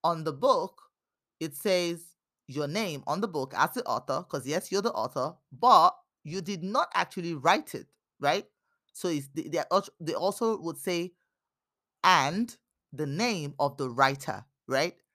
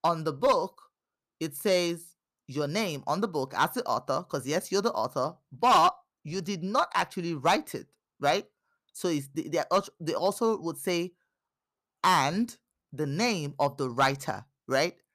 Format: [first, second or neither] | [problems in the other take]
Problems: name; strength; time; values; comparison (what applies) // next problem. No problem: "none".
first | distortion; slight; 1.4% of the sound clipped